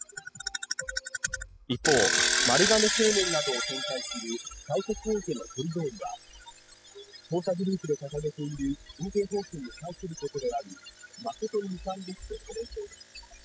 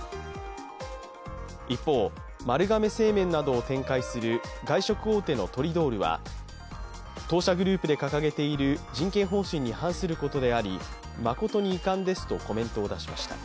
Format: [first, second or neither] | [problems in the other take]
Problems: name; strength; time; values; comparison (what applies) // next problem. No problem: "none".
second | noise reduction (classical method spectral subtraction)